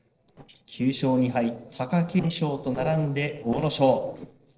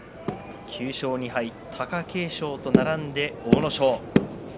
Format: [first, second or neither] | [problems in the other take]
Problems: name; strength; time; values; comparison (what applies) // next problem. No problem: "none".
second | noise reduction (neural separator model SepFormer DNS4)